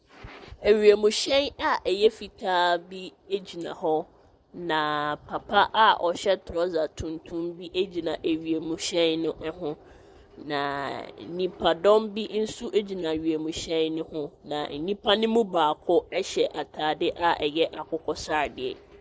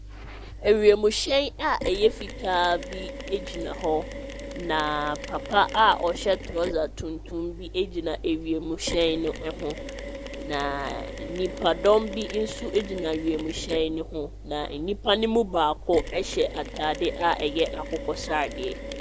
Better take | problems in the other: first | background sound (Mechanisms); 10 dB below the speech

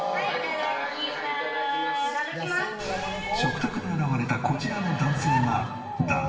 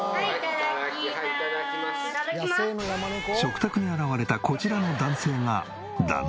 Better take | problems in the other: second | background sound (Bird); as loud as the speech // room echo; dies away in 1.2 s

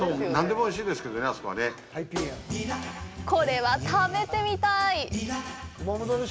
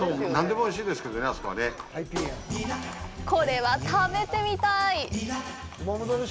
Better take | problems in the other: first | background sound (Drum kit + Livestock, farm animals, working animals); 16 dB below the speech

